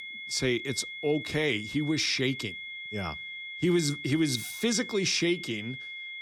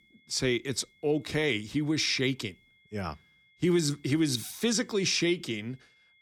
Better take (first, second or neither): second